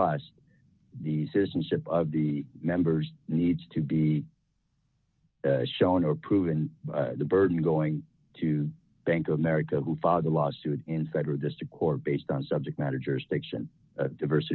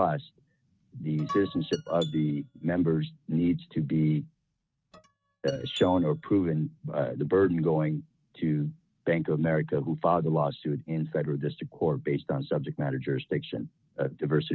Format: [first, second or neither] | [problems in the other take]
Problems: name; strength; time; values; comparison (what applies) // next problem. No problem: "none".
first | noise reduction (neural mask model RNNoise)